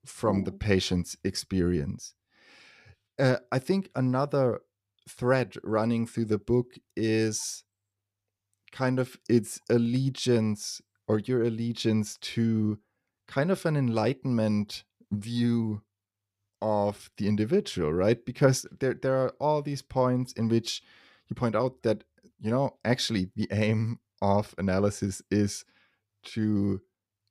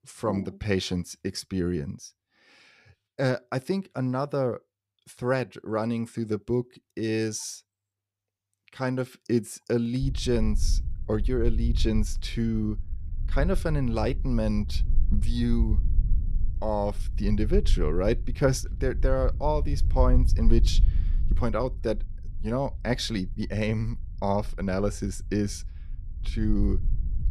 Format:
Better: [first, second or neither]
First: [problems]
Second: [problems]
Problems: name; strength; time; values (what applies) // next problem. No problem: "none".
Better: first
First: none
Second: low rumble; noticeable; from 10 s on; 20 dB below the speech